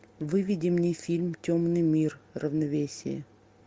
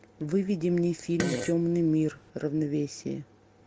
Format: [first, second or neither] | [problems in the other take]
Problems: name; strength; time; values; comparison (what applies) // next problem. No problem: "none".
first | background sound (Fart); 8 dB below the speech